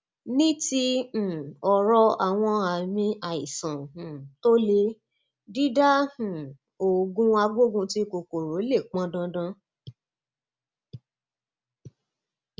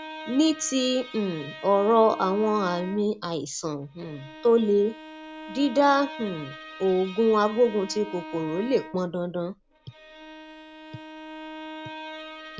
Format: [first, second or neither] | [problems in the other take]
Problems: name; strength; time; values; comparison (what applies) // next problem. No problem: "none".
first | background sound (Bowed string instrument); 15 dB below the speech